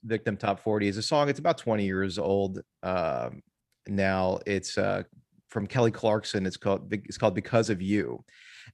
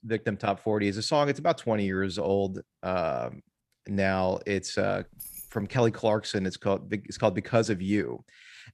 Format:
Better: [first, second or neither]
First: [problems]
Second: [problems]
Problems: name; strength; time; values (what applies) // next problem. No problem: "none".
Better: first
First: none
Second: jangling keys; faint; at 5 s; peak 10 dB below the speech